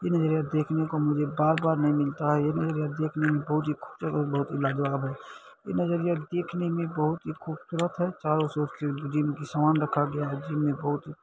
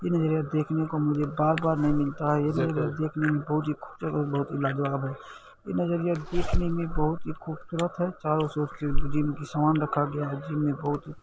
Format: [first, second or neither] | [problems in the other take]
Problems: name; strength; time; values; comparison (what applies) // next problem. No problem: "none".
first | background sound (Zipper (clothing)); 5 dB below the speech